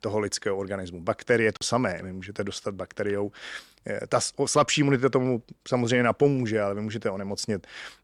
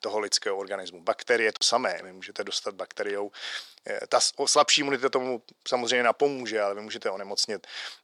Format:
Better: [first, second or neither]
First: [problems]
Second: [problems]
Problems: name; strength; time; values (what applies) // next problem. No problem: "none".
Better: first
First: none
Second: thin; somewhat; fading below 450 Hz